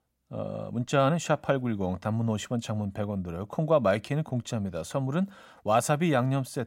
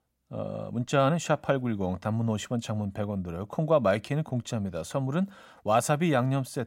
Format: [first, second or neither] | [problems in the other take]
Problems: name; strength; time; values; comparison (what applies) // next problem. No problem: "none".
neither | none